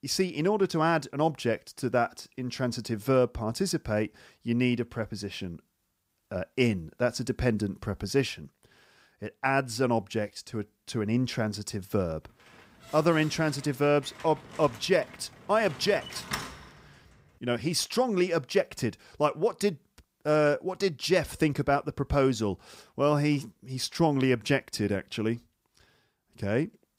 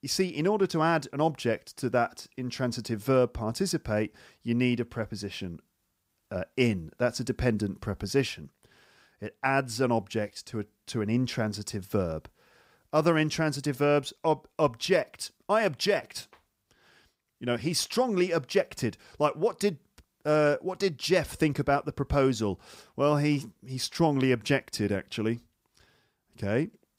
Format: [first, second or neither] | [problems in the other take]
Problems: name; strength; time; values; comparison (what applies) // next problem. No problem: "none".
second | door banging; noticeable; from 13 to 17 s; peak 6 dB below the speech